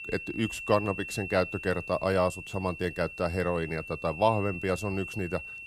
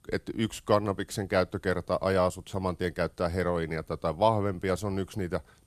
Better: second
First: high-pitched whine; loud; throughout; 2.5 kHz, 9 dB below the speech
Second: none

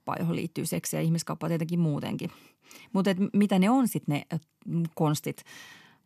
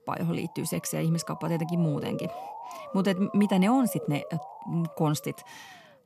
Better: first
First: none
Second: siren; noticeable; peak 9 dB below the speech

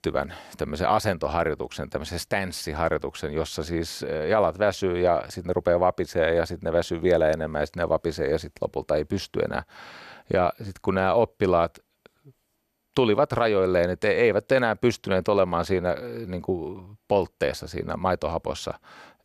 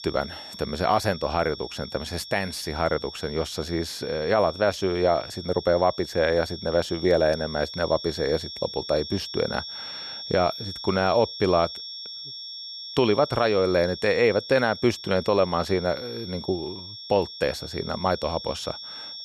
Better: first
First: none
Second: high-pitched whine; noticeable; throughout; 5.5 kHz, 10 dB below the speech

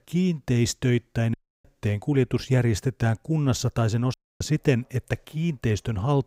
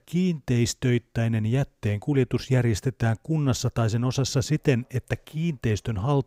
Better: second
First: audio cutting out; at 1.5 s and at 4 s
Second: none

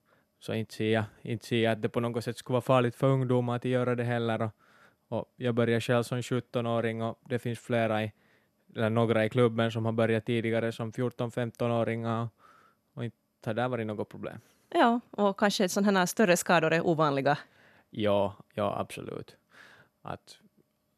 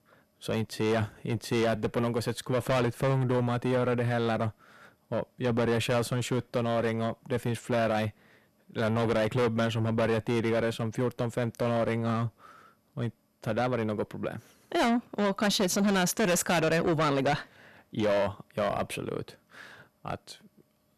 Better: first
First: none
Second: distortion; heavy; 6 dB below the speech

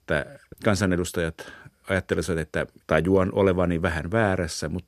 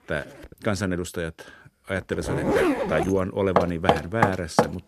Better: first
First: none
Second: household noises; very loud; throughout; 3 dB above the speech

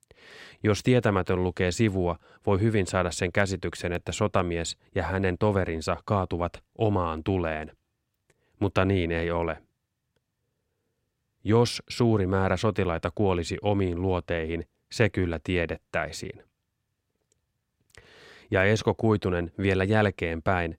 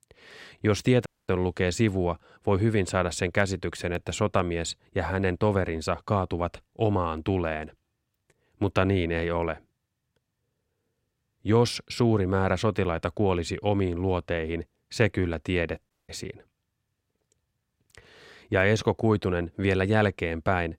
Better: first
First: none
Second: audio cutting out; at 1 s and at 16 s

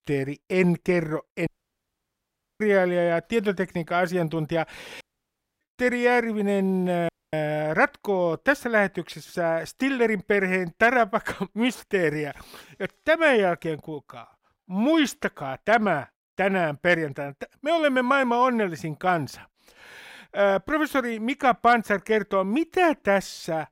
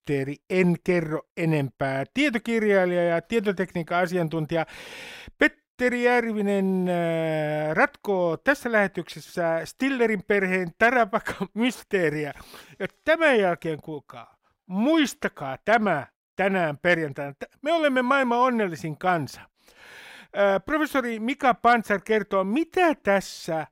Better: second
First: audio cutting out; at 1.5 s for 1 s, at 5 s for 0.5 s and at 7 s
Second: none

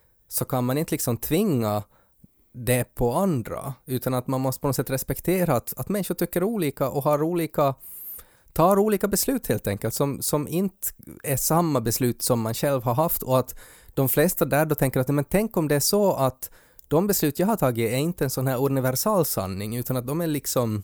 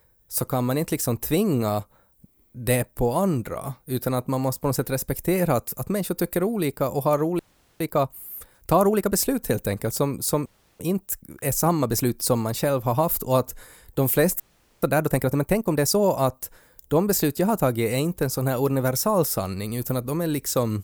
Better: first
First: none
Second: audio freezing; at 7.5 s, at 10 s and at 14 s

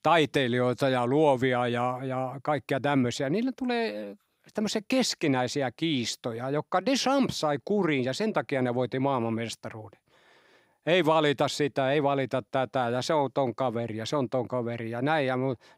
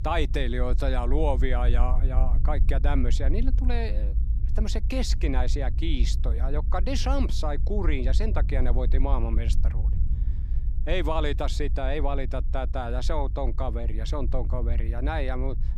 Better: first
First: none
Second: low rumble; noticeable; throughout; 15 dB below the speech

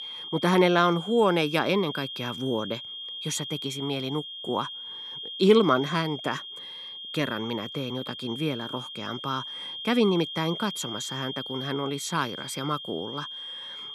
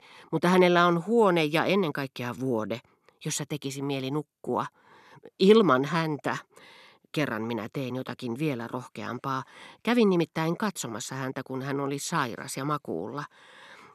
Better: second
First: high-pitched whine; loud; throughout; 3 kHz, 8 dB below the speech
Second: none

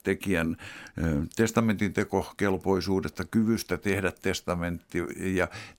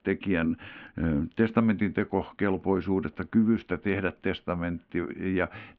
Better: first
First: none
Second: muffled; very; fading above 3 kHz

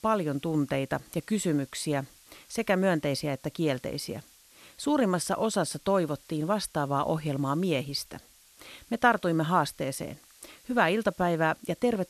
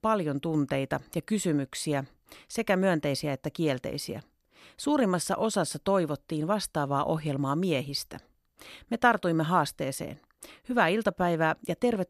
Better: second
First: hiss; faint; throughout; 25 dB below the speech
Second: none

